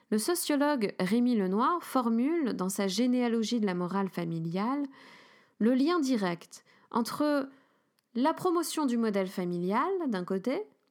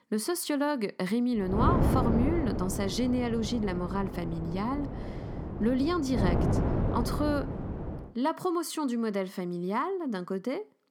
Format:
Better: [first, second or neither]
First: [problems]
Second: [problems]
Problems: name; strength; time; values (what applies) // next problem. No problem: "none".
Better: first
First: none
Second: wind noise on the microphone; heavy; from 1.5 to 8 s; 5 dB below the speech